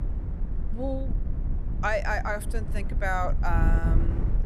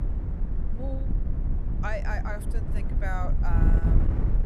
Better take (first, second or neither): first